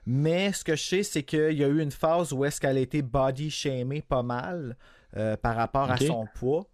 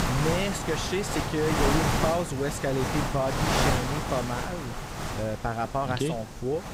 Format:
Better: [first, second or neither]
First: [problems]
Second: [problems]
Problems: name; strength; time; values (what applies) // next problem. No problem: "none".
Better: first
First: none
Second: wind noise on the microphone; heavy; 1 dB above the speech